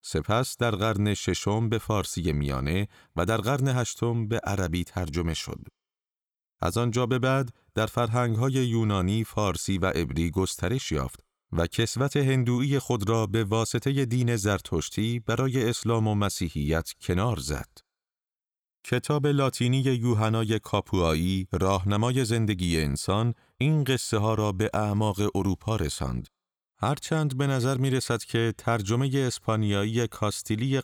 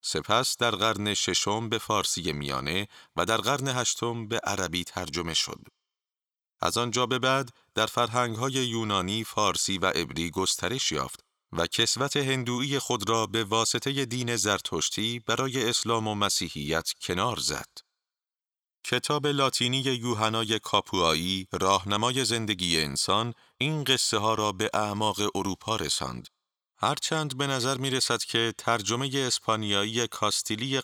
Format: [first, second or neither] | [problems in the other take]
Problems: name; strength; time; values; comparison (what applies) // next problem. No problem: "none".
first | thin; somewhat; fading below 600 Hz